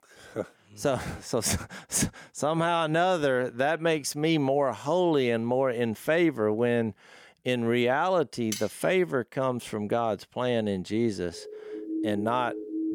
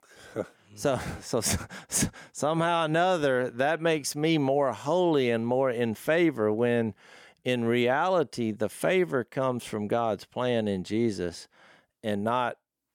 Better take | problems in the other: second | clattering dishes; noticeable; at 8.5 s; peak 9 dB below the speech // siren; noticeable; from 11 s on; peak 5 dB below the speech

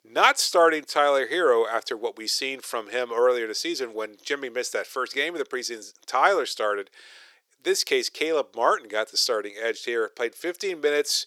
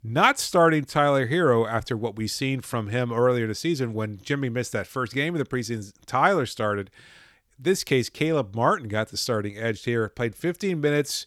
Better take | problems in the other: second | thin; very; fading below 400 Hz

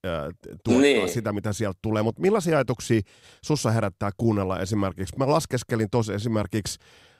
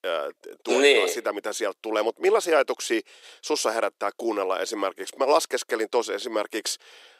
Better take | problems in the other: first | thin; very; fading below 350 Hz

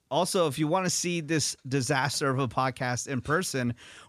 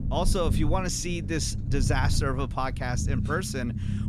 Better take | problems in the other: first | low rumble; noticeable; throughout; 10 dB below the speech

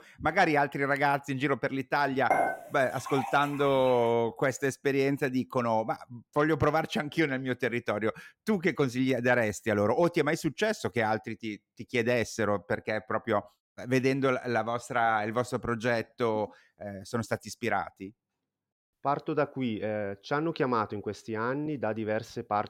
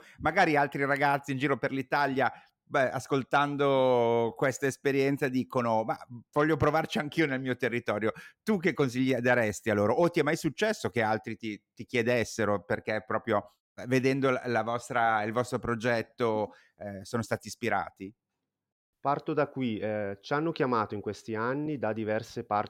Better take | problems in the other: second | clattering dishes; loud; from 2.5 to 4 s; peak 1 dB above the speech

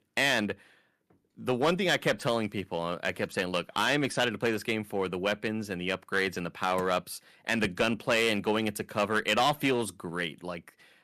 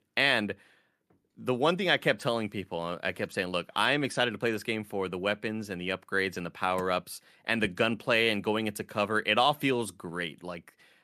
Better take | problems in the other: second | distortion; slight; 4% of the sound clipped

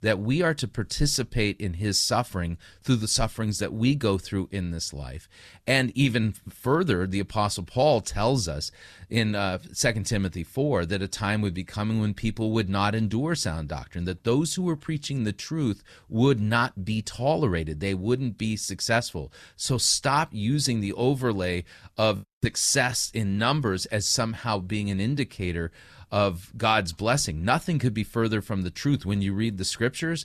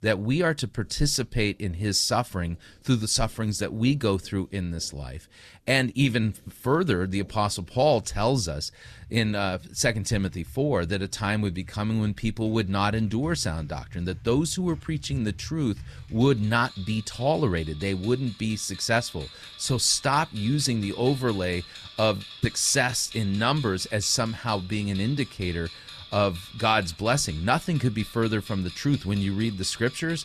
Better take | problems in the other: first | household noises; noticeable; throughout; 15 dB below the speech

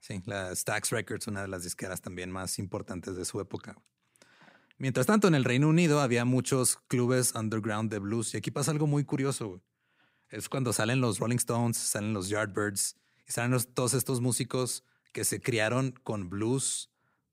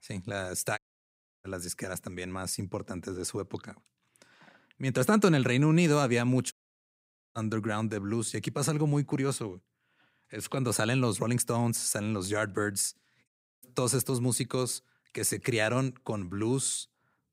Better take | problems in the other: first | audio cutting out; at 1 s for 0.5 s, at 6.5 s for 1 s and at 13 s

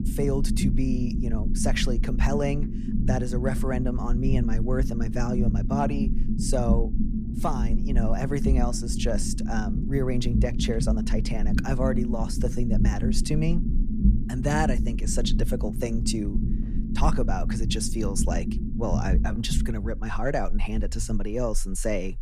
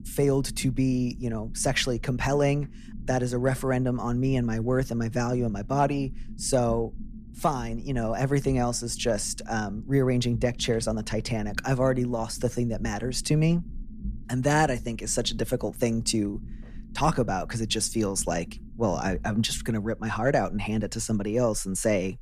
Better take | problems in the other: second | low rumble; loud; throughout; 6 dB below the speech; faint in the second

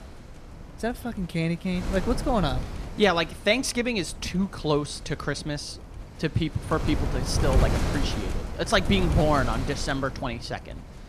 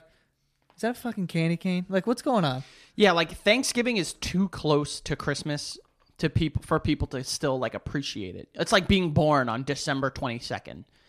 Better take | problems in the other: second | wind noise on the microphone; heavy; 9 dB below the speech

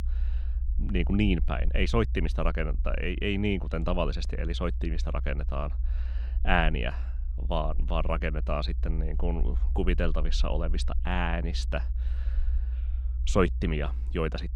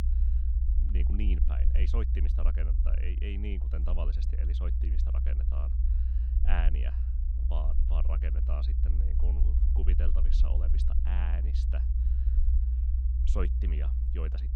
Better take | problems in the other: first | low rumble; loud; throughout; 3 dB below the speech; faint in the first

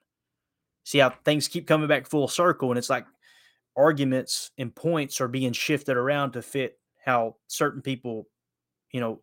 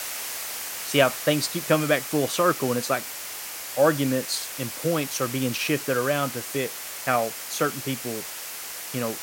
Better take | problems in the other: first | hiss; loud; throughout; 7 dB below the speech

